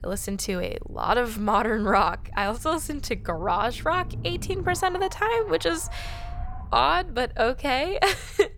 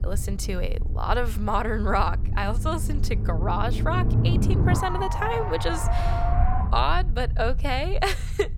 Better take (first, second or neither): first